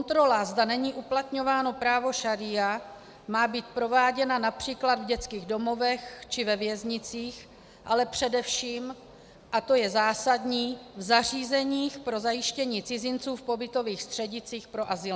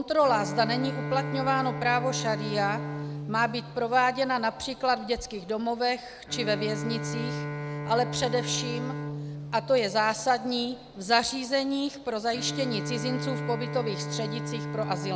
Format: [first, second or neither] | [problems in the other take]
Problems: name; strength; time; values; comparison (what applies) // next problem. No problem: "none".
first | background sound (Bowed string instrument); 7 dB below the speech